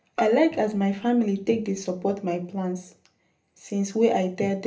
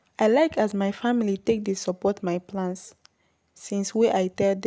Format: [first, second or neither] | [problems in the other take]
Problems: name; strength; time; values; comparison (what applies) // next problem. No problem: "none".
second | background sound (Bowed string instrument); 13 dB below the speech // room echo; dies away in 0.3 s